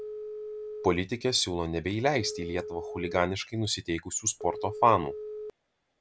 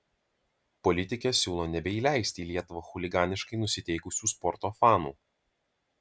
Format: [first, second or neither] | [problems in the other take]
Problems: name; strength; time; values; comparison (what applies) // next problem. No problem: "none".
second | background sound (Telephone); 11 dB below the speech